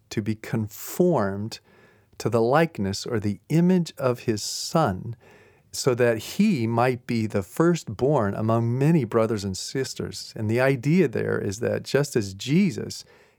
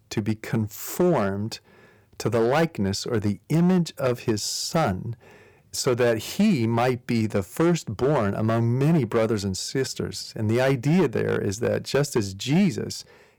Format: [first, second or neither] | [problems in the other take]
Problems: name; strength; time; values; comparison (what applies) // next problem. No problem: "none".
first | distortion; slight; 7% of the sound clipped